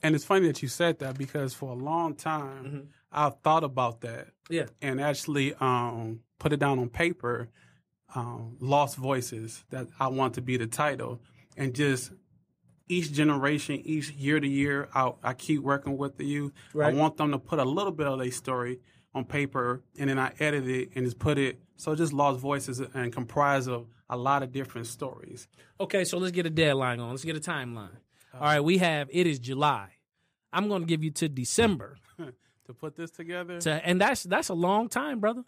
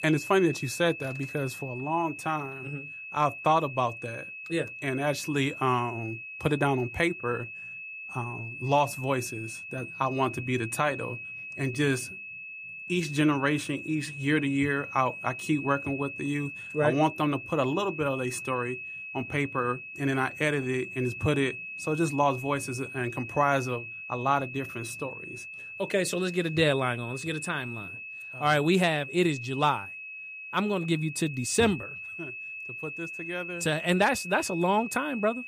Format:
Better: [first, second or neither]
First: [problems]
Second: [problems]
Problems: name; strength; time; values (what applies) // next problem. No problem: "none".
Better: first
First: none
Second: high-pitched whine; loud; throughout; 2.5 kHz, 9 dB below the speech